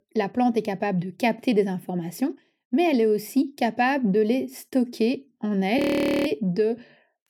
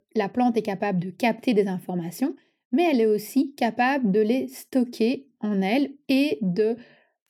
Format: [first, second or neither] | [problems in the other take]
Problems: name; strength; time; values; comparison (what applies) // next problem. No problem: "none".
second | audio freezing; at 6 s